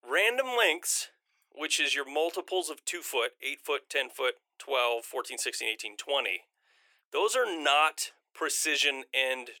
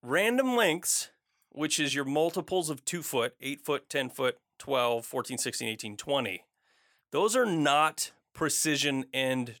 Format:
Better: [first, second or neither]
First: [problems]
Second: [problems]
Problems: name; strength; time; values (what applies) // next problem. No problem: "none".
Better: second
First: thin; very; fading below 350 Hz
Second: none